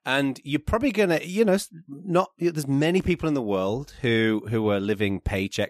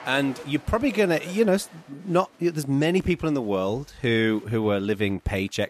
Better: first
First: none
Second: crowd noise; faint; throughout; 20 dB below the speech

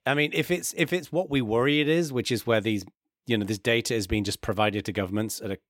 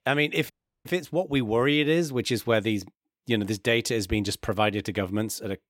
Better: first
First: none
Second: audio cutting out; at 0.5 s

